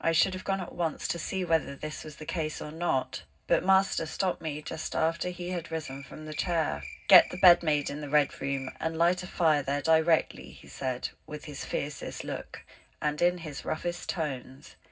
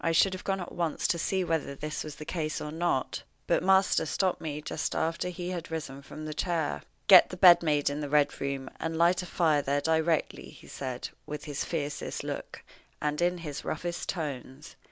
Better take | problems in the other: second | background sound (Cricket); 16 dB below the speech // room echo; dies away in 0.4 s

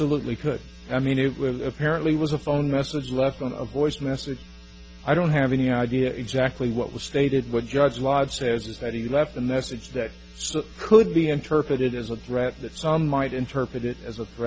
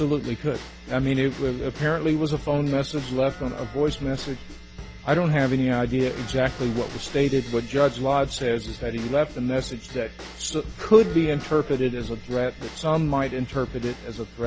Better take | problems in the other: first | background sound (Livestock, farm animals, working animals + Bell / Drum / Drum kit); 15 dB below the speech

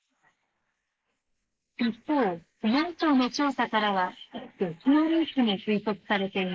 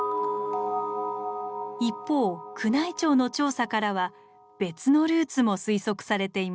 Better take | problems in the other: second | noise reduction (neural mask model Resemble Enhance denoiser)

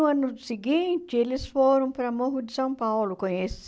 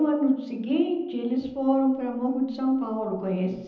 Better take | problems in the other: first | room echo; dies away in 0.9 s

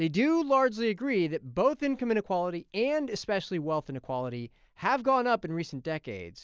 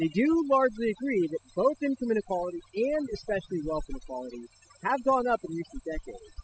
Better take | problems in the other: first | noise reduction (classical method spectral subtraction)

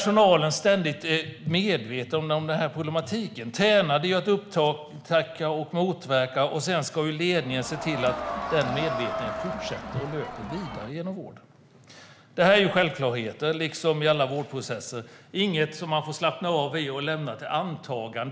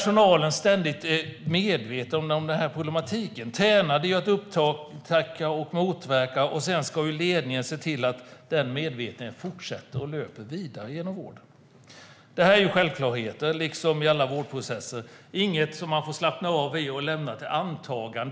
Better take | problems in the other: second | background sound (Crowd); 7 dB below the speech

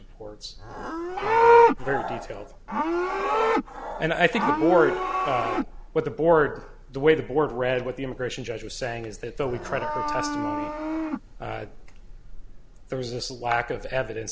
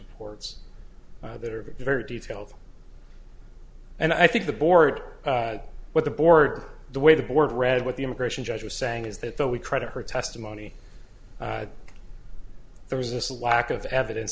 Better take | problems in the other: second | background sound (Livestock, farm animals, working animals); 1 dB above the speech

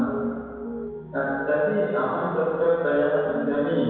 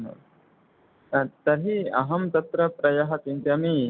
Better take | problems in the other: second | background sound (Piano); 11 dB below the speech // room echo; dies away in 1.9 s

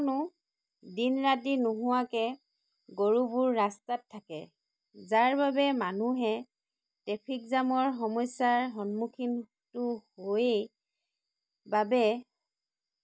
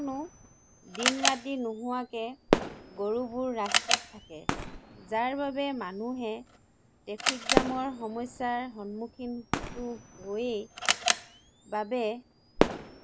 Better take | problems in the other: first | background sound (Camera + Fireworks); 2 dB above the speech

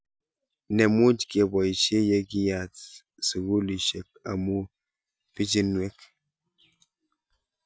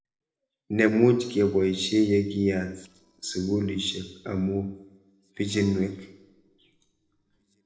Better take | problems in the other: first | noise reduction (neural separator model SepFormer DNS4)

